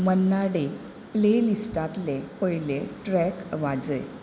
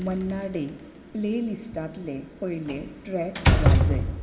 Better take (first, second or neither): first